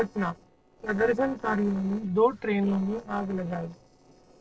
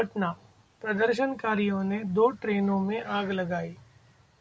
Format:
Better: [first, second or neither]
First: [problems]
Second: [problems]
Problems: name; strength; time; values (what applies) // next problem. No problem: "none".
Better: second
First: noise reduction (neural separator model SepFormer DNS4)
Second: none